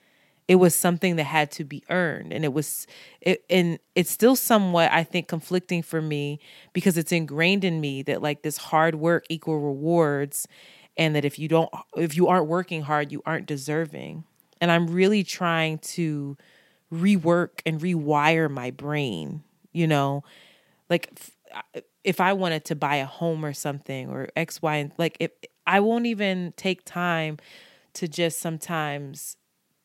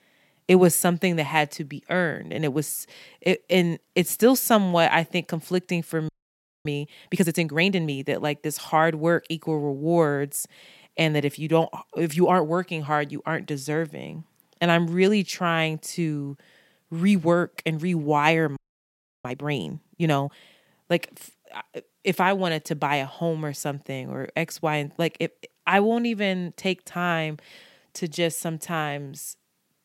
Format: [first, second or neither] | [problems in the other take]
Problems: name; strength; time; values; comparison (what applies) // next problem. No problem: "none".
first | audio freezing; at 6 s for 0.5 s and at 19 s for 0.5 s